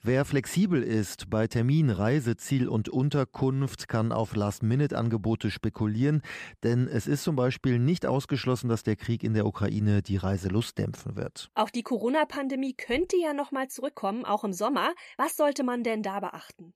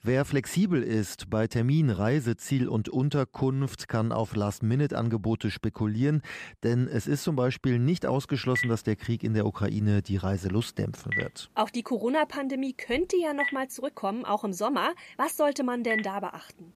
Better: first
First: none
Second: phone ringing; noticeable; from 8.5 to 16 s; peak 2 dB below the speech

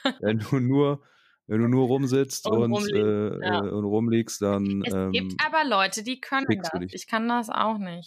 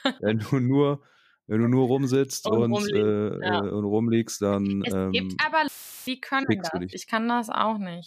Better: first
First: none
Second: audio cutting out; filled with static; at 5.5 s

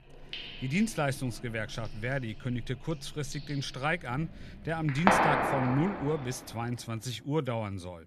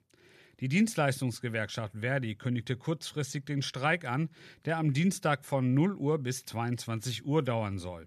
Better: second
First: household noises; very loud; until 6 s; 3 dB above the speech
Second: none

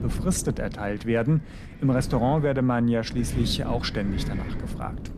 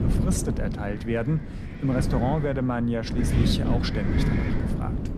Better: first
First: wind noise on the microphone; occasional gusts; 15 dB below the speech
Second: wind noise on the microphone; heavy; 4 dB below the speech

